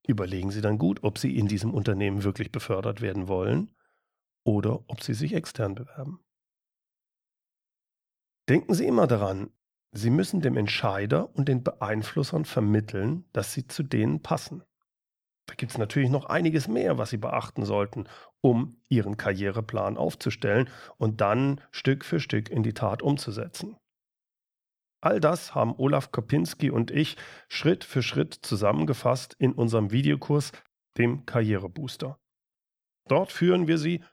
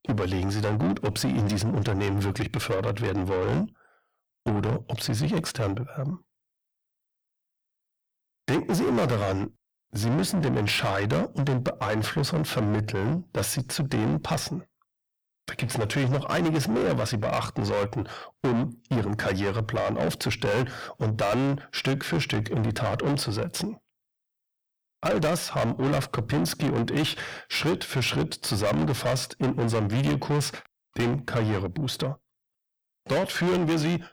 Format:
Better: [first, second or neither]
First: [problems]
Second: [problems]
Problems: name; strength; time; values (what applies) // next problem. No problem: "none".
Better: first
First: none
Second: distortion; heavy; 5 dB below the speech